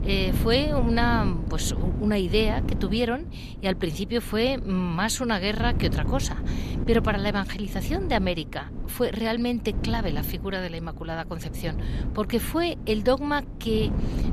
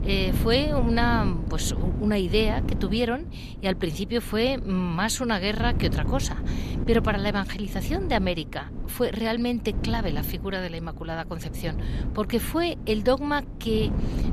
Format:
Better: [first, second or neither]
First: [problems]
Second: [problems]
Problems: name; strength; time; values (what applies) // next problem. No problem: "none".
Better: neither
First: wind noise on the microphone; occasional gusts; 15 dB below the speech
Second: wind noise on the microphone; occasional gusts; 15 dB below the speech